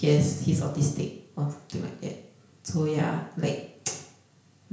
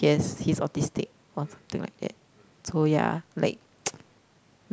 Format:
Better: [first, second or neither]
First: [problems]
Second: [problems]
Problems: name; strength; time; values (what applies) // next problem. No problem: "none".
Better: second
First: room echo; dies away in 0.5 s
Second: none